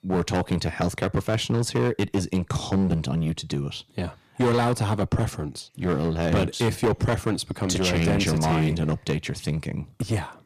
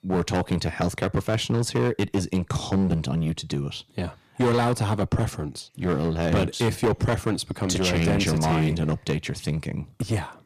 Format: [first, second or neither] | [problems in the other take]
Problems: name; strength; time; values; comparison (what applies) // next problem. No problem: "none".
neither | distortion; heavy; 11% of the sound clipped; the same in both